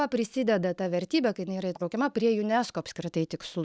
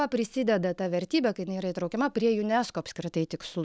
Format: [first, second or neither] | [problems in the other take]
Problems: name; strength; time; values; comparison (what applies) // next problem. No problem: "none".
second | noise reduction (neural mask model DeepFilterNet 3)